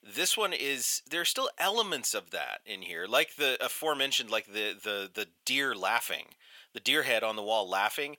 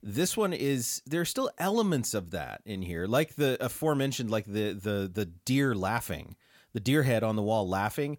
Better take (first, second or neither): second